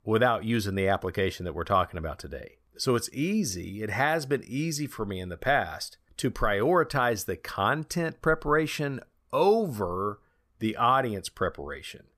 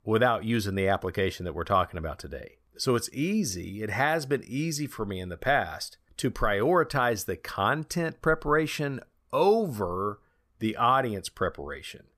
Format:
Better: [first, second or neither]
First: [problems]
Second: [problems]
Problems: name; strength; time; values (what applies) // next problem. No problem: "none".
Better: neither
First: none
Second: none